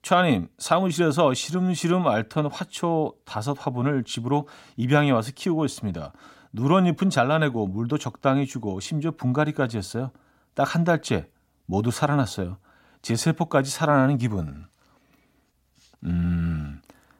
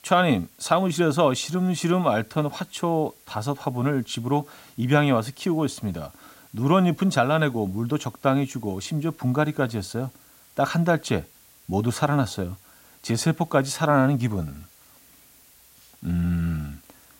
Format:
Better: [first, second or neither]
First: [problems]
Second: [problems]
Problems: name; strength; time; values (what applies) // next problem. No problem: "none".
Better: first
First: none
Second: hiss; faint; throughout; 25 dB below the speech